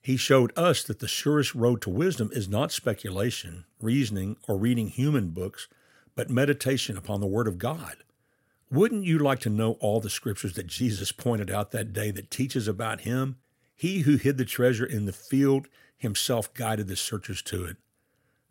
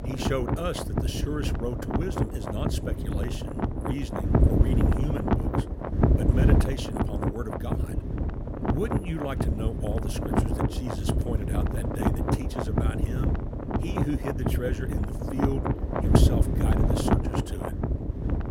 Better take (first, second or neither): first